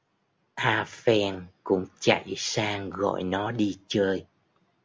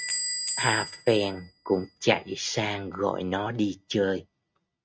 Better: first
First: none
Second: noise reduction (neural mask model RNNoise)

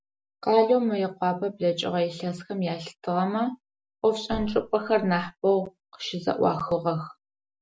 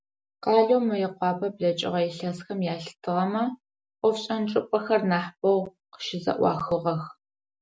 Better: second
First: background sound (Thump, thud); 13 dB below the speech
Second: none

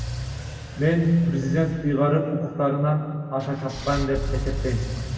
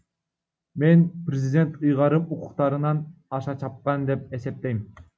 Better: second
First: background sound (Engine / Car); 8 dB below the speech // room echo; dies away in 2.2 s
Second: none

